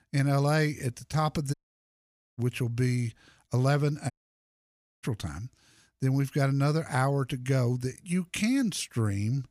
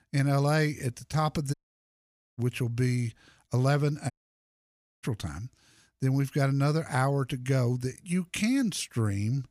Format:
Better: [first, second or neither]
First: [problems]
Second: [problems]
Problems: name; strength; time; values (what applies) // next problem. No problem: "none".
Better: neither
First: audio cutting out; at 1.5 s for 1 s and at 4 s for 1 s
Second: audio cutting out; at 1.5 s for 1 s and at 4 s for 1 s